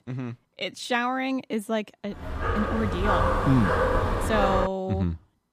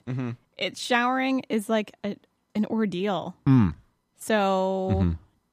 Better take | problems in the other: second | dog barking; loud; from 2 to 4.5 s; peak 4 dB above the speech

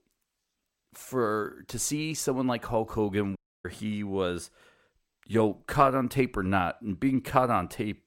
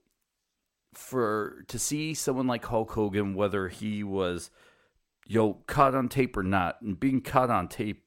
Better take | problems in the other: second | audio cutting out; at 3.5 s

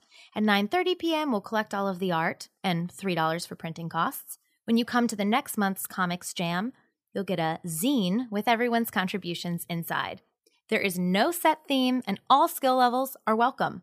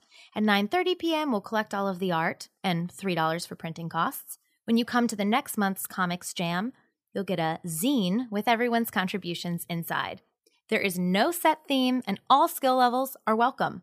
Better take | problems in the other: neither | none

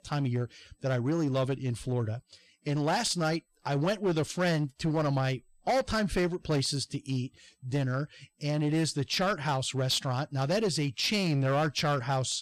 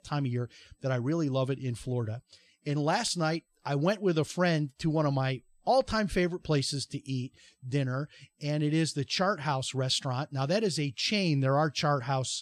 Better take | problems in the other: second | distortion; slight; 9% of the sound clipped

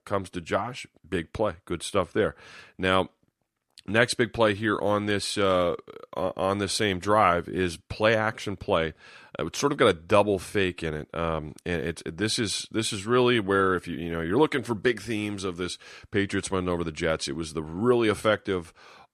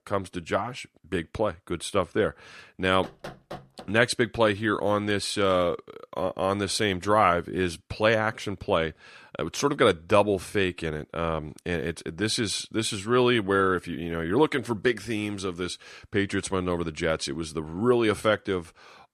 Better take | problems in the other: first | door banging; faint; at 3 s; peak 15 dB below the speech

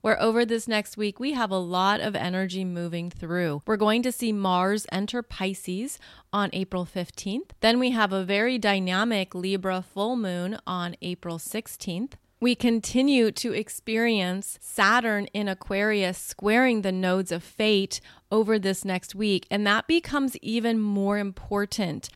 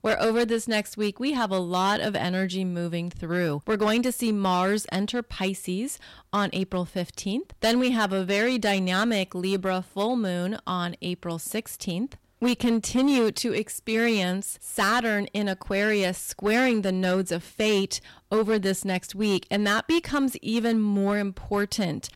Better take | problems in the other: first | distortion; slight; 6% of the sound clipped

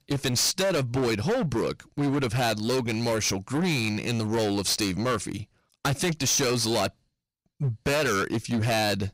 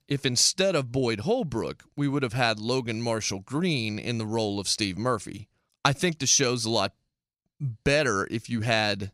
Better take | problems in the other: second | distortion; heavy; 23% of the sound clipped

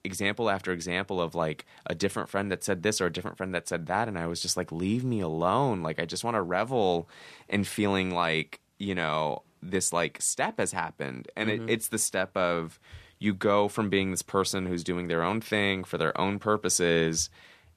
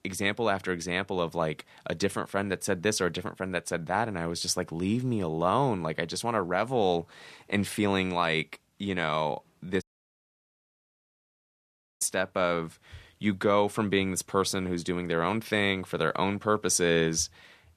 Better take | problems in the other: first | audio cutting out; at 10 s for 2 s

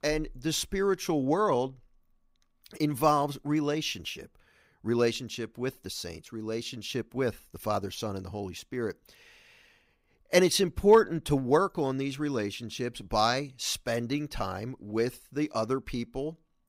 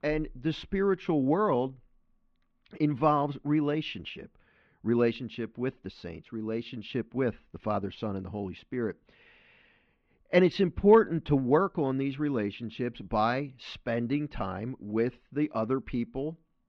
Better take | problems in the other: first | muffled; very; fading above 3 kHz

